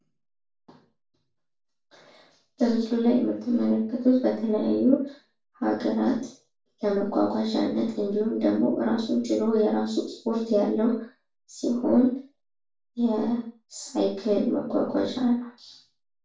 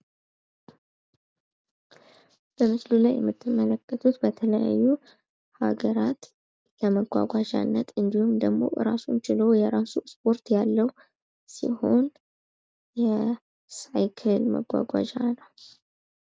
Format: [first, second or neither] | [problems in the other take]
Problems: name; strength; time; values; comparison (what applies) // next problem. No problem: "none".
second | room echo; dies away in 0.3 s